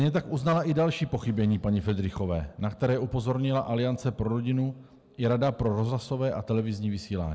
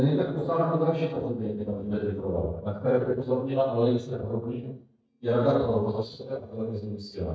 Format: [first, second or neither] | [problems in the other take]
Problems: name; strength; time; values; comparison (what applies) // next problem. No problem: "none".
first | noise reduction (neural mask model DeepFilterNet 3)